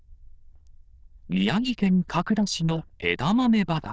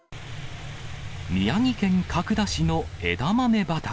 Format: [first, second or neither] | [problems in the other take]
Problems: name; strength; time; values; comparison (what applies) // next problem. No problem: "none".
second | noise reduction (neural diffusion model UNIVERSE++)